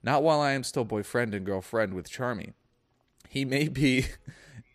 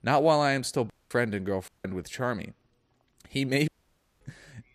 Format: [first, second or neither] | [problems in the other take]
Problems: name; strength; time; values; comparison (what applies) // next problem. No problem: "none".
first | audio cutting out; at 1 s, at 1.5 s and at 3.5 s for 0.5 s